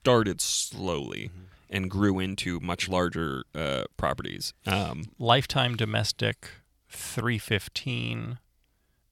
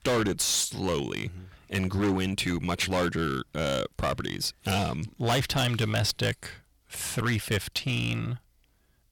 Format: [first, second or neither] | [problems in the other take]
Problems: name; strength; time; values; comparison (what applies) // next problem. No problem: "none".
first | distortion; heavy; 11% of the sound clipped